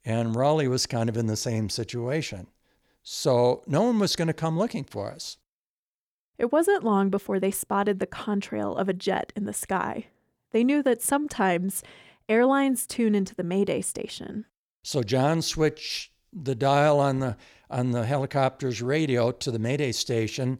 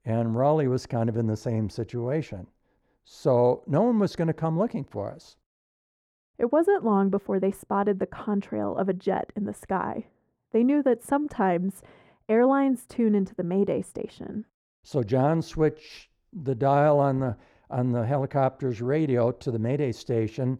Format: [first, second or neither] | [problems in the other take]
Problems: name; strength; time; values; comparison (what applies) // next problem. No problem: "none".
first | muffled; very; fading above 2 kHz